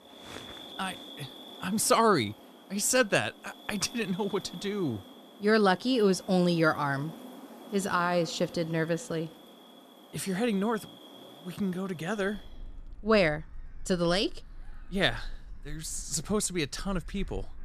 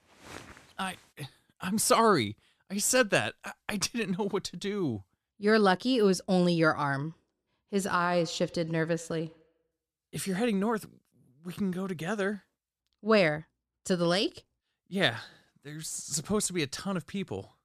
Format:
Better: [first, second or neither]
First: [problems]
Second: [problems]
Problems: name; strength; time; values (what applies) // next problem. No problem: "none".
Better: second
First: animal sounds; noticeable; throughout; 20 dB below the speech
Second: none